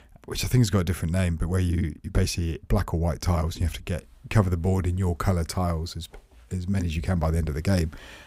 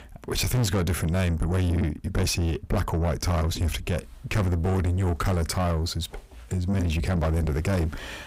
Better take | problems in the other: first | distortion; heavy; 7 dB below the speech

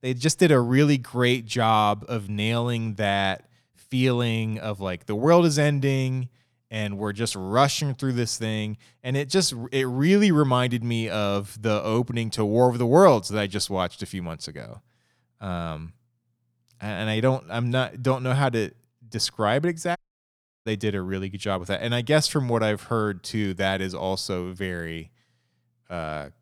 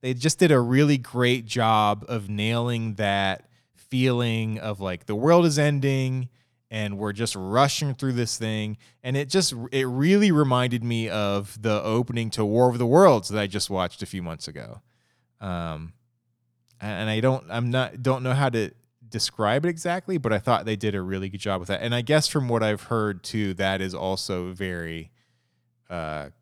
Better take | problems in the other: second | audio cutting out; at 20 s for 0.5 s

